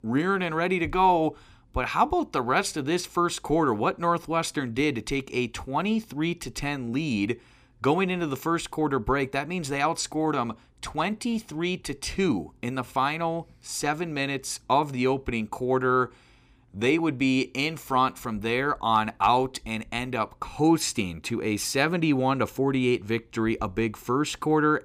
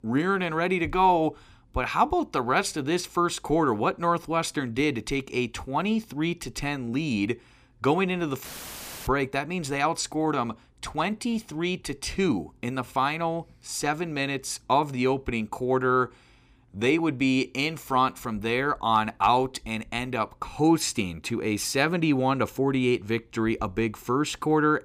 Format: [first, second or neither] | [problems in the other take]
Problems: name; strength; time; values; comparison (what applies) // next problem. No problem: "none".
first | audio cutting out; filled with static; at 8.5 s for 0.5 s